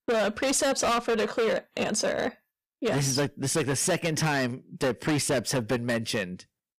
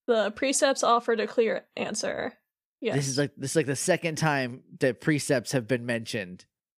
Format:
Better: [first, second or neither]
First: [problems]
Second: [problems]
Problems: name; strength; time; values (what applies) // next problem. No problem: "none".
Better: second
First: distortion; heavy; 19% of the sound clipped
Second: none